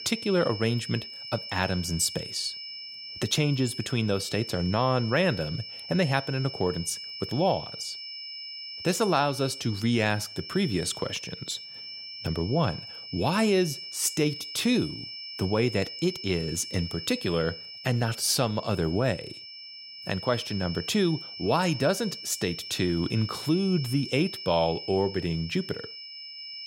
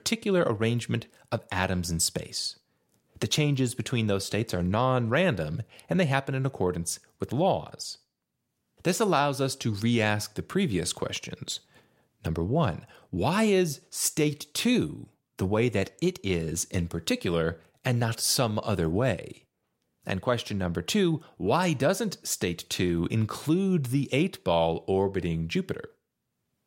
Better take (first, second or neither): second